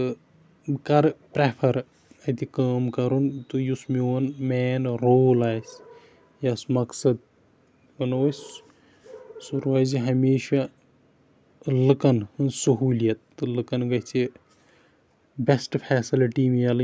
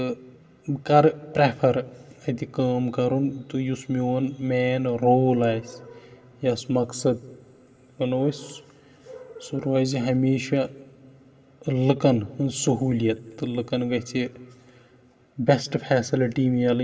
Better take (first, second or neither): first